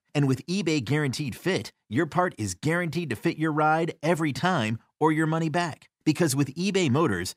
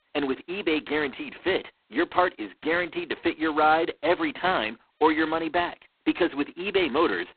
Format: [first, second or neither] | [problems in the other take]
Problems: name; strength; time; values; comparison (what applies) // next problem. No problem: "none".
first | phone-call audio; poor line; nothing above 4 kHz